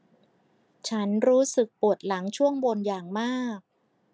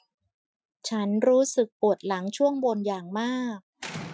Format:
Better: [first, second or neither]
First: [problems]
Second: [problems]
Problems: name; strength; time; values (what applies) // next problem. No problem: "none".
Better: first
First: none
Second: noise reduction (classical method Wiener filter)